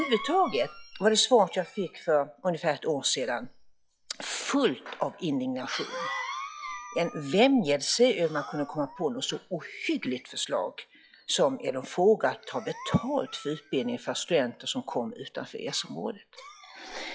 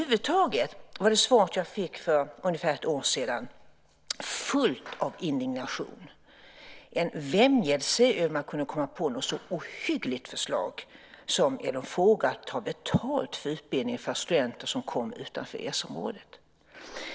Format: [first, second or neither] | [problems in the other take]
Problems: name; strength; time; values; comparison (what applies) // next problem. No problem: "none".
second | noise reduction (classical method log-MMSE)